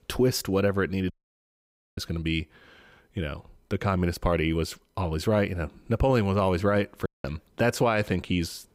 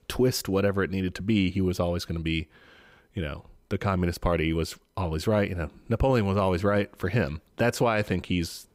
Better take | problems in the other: second | audio cutting out; at 1 s for 1 s and at 7 s

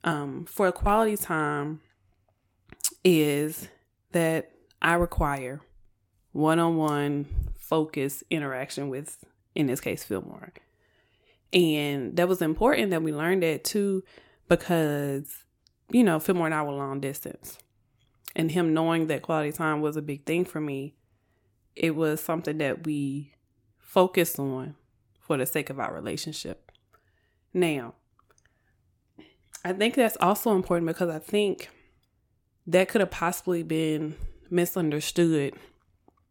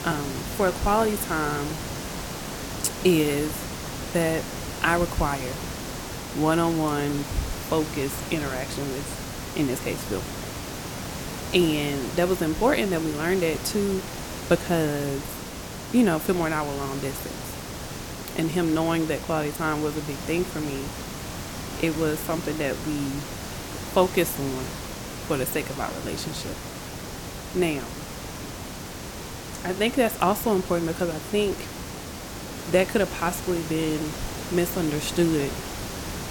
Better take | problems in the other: first | hiss; loud; throughout; 8 dB below the speech

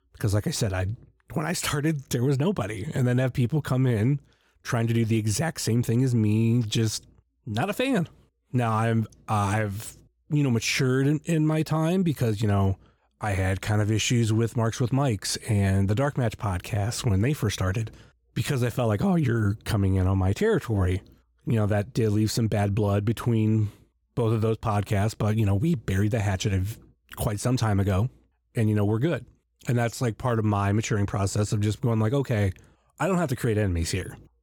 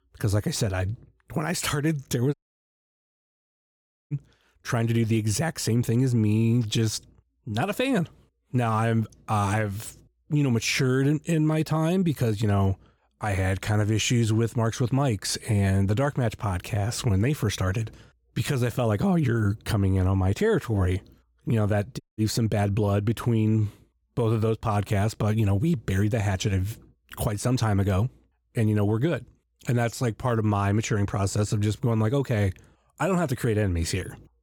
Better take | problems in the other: first | audio cutting out; at 2.5 s for 2 s and at 22 s

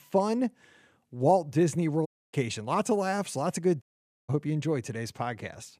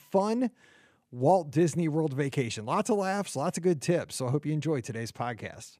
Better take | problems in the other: second | audio cutting out; at 2 s and at 4 s

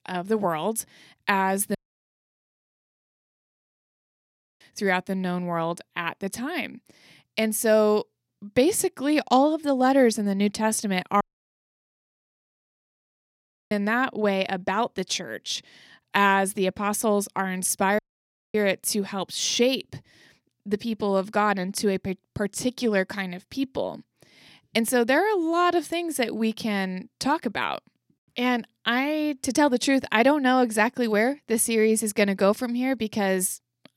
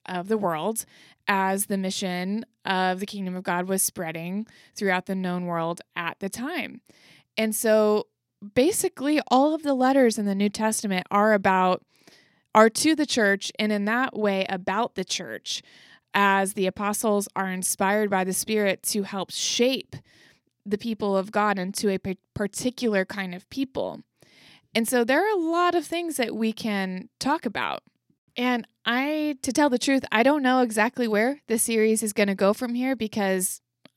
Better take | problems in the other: second | audio cutting out; at 2 s for 3 s, at 11 s for 2.5 s and at 18 s for 0.5 s

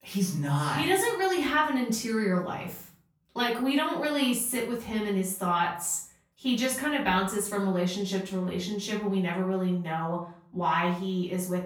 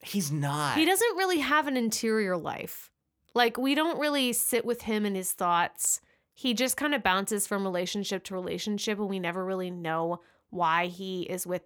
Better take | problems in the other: second | off-mic speech; far // room echo; noticeable; dies away in 0.5 s

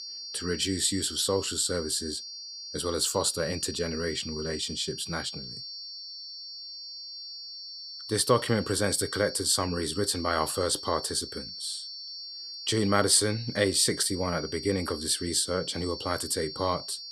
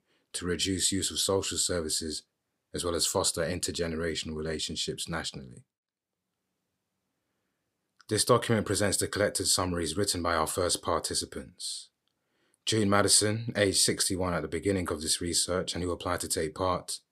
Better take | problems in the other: second | high-pitched whine; loud; throughout; 4.5 kHz, 10 dB below the speech

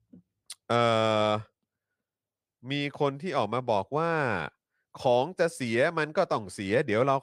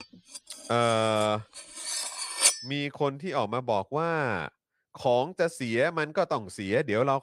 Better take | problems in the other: first | clattering dishes; loud; at 2 s; peak 5 dB above the speech

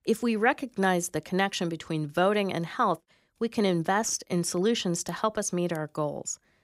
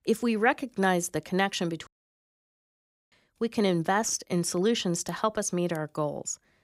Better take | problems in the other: first | audio cutting out; at 2 s for 1.5 s

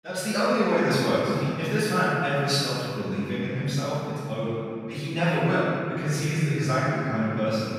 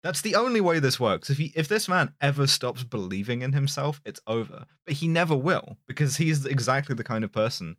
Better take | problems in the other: second | off-mic speech; far // room echo; strong; dies away in 2.4 s

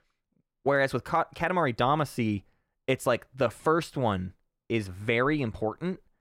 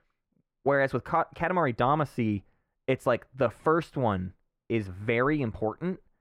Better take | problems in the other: first | muffled; slightly; fading above 3 kHz

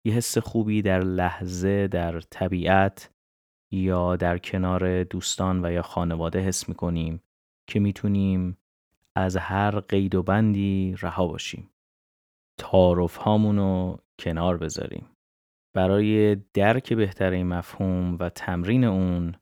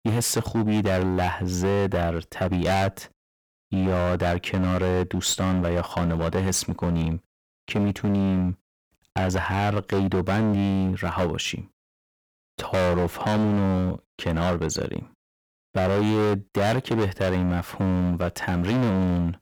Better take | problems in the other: first | distortion; heavy; 23% of the sound clipped

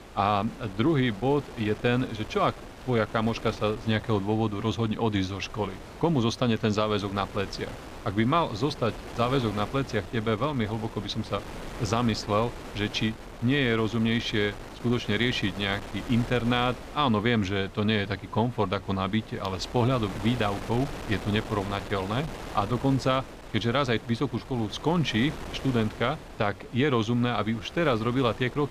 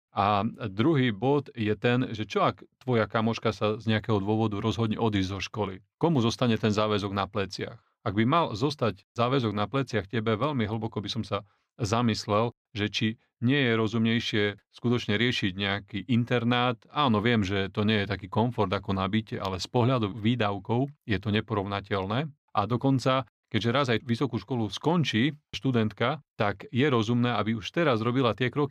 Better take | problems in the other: second | wind noise on the microphone; occasional gusts; 15 dB below the speech

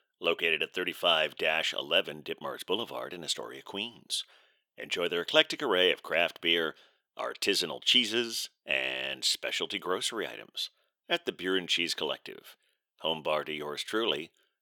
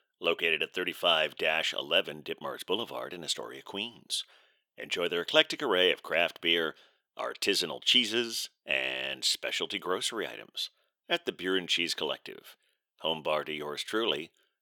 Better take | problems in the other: neither | thin; somewhat; fading below 400 Hz; the same in both

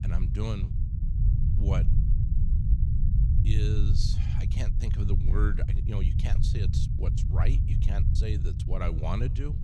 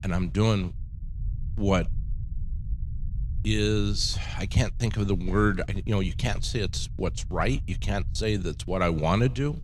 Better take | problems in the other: second | low rumble; loud; throughout; 3 dB below the speech; faint in the second

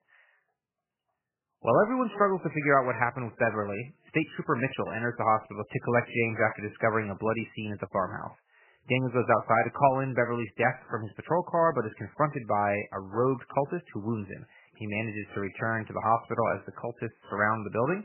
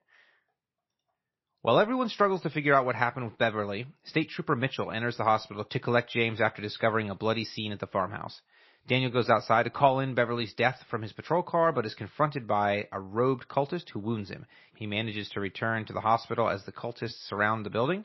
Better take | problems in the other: second | garbled, watery; badly; nothing above 3 kHz; slightly in the second

